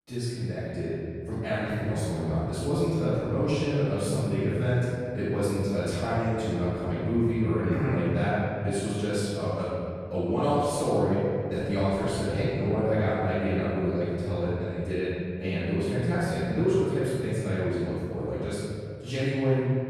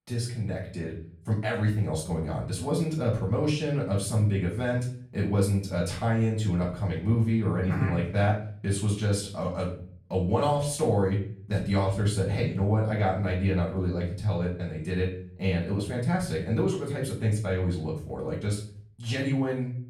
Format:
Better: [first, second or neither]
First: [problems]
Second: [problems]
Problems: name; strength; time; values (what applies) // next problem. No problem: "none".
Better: second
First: room echo; strong; dies away in 2.3 s // off-mic speech; far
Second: room echo; slight; dies away in 0.4 s // off-mic speech; far